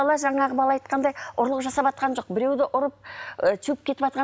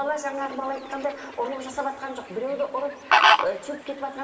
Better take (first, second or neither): first